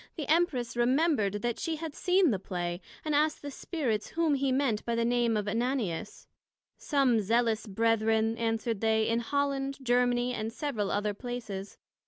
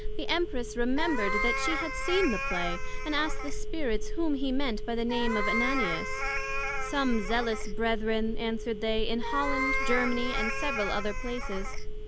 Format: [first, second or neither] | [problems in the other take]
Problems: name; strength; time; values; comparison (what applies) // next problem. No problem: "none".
first | background sound (Meow + Telephone); 2 dB above the speech